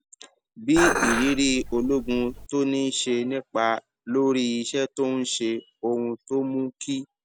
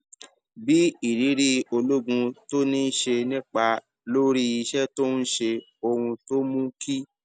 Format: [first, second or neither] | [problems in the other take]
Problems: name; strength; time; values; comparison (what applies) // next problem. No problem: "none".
second | background sound (Dishes, pots, and pans); 2 dB below the speech